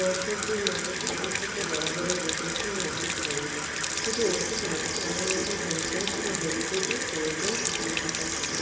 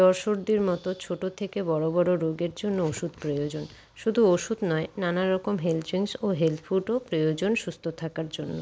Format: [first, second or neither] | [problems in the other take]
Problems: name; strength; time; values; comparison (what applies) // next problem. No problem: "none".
second | background sound (Sink (filling or washing) / Water tap, faucet); 4 dB above the speech // room echo; dies away in 1 s